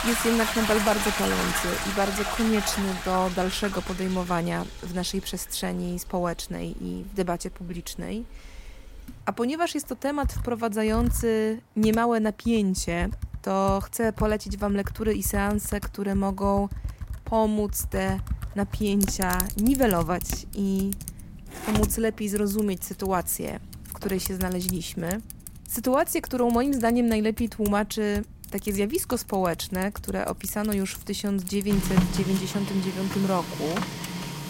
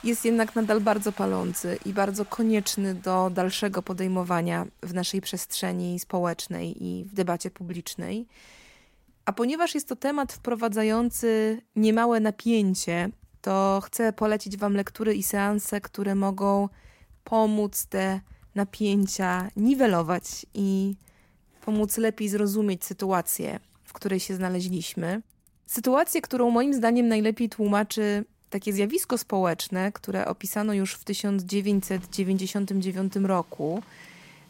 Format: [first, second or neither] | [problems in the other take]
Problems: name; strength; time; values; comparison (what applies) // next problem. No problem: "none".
second | household noises; loud; throughout; 6 dB below the speech; faint in the second